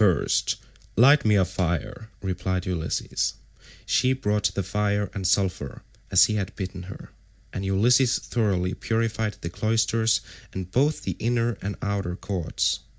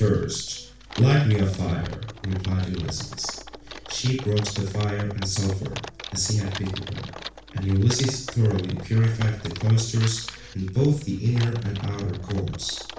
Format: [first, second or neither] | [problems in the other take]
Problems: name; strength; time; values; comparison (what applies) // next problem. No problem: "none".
first | background sound (Typing); 15 dB below the speech // room echo; dies away in 0.4 s